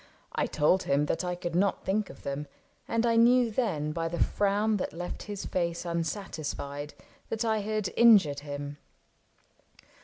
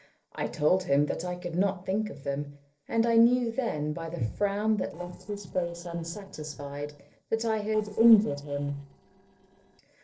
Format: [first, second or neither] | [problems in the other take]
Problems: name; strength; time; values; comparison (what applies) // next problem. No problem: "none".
first | noise reduction (neural separator model SepFormer DNS4)